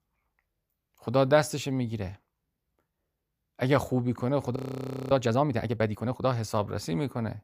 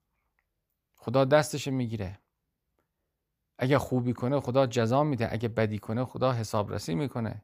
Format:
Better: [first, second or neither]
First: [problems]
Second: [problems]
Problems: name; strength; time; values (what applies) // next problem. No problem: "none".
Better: second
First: audio freezing; at 4.5 s for 0.5 s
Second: none